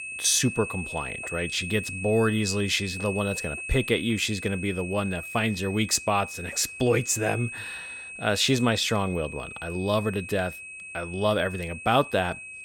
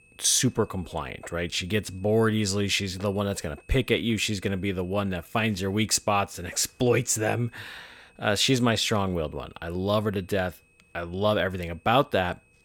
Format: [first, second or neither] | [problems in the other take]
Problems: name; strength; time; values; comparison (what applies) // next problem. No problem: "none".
second | high-pitched whine; loud; throughout; 2.5 kHz, 9 dB below the speech; faint in the second